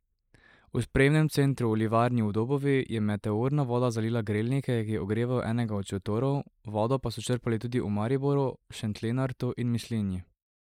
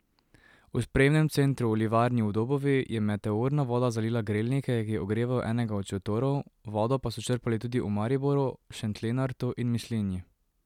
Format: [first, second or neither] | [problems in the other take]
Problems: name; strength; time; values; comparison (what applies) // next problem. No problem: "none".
second | noise reduction (neural mask model Resemble Enhance denoiser)